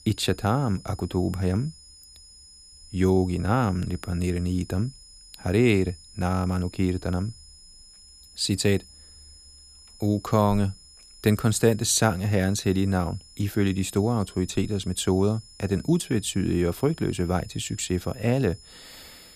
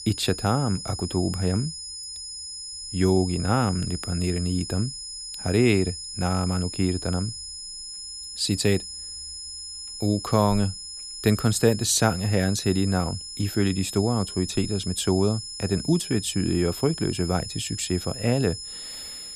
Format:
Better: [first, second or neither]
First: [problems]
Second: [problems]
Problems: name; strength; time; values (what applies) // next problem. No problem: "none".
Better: first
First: high-pitched whine; faint; throughout; 5 kHz, 20 dB below the speech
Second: high-pitched whine; loud; throughout; 5 kHz, 9 dB below the speech